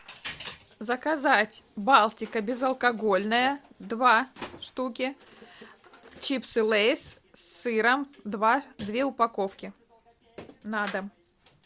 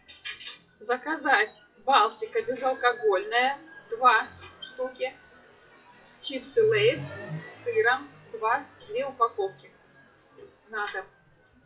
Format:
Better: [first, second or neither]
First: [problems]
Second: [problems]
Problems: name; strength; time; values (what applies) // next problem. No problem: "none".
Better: first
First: none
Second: noise reduction (classical method WPE with log-MMSE)